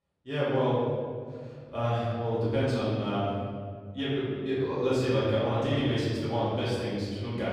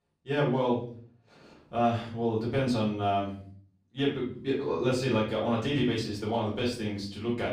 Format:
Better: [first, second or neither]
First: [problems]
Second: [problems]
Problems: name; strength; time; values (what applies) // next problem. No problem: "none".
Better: second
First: room echo; strong; dies away in 2 s // off-mic speech; far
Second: room echo; slight; dies away in 0.5 s // off-mic speech; far